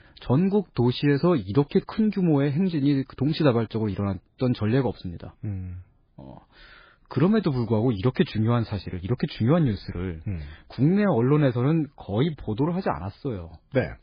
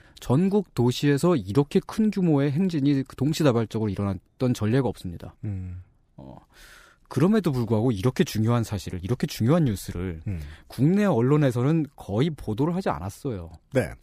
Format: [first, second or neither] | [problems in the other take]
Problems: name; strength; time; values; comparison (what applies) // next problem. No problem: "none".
second | garbled, watery; badly; nothing above 4.5 kHz